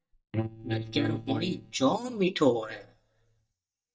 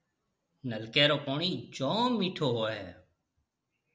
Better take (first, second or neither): second